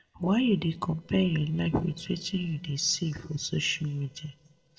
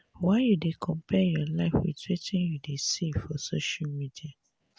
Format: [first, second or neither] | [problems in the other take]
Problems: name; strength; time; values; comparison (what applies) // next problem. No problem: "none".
second | noise reduction (neural separator model SepFormer DNS4)